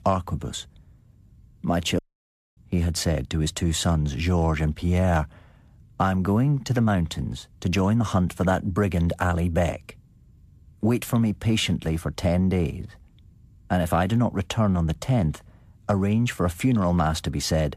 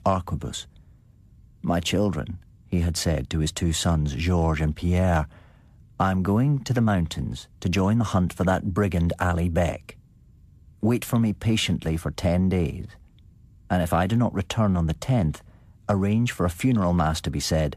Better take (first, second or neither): second